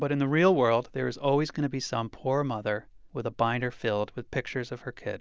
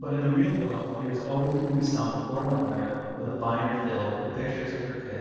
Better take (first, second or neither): first